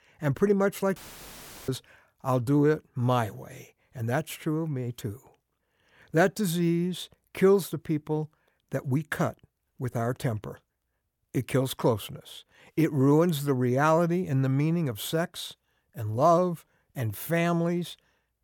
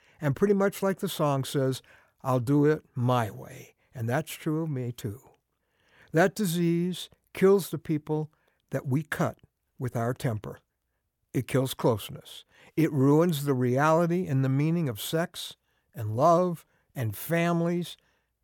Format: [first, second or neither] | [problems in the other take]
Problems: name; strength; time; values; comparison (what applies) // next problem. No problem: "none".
second | audio cutting out; filled with static; at 1 s for 0.5 s